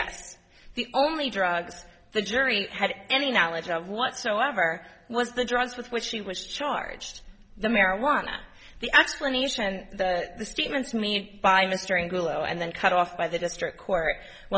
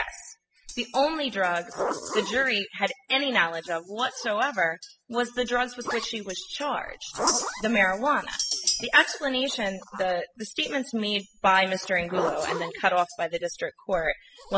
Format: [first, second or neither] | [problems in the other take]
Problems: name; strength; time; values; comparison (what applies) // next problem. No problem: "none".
first | noise reduction (classical method spectral subtraction)